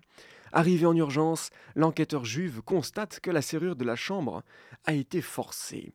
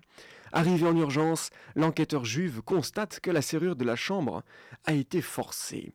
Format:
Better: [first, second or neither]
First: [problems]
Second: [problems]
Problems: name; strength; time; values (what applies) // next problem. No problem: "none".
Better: first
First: none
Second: distortion; slight; 5% of the sound clipped